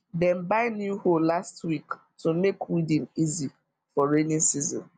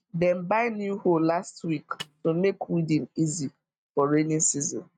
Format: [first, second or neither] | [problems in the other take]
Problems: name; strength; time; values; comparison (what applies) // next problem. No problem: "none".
first | noise reduction (neural mask model RNNoise)